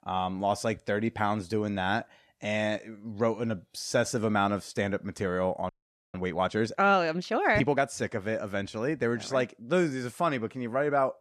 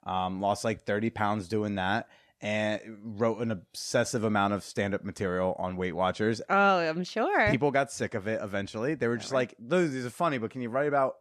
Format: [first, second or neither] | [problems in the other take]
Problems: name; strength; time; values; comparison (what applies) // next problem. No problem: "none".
second | audio freezing; at 5.5 s